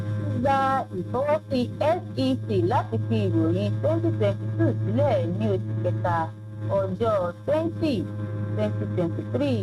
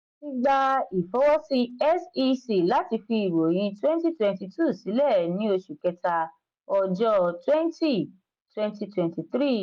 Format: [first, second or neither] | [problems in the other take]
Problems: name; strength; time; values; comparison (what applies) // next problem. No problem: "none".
second | noise reduction (neural mask model RNNoise)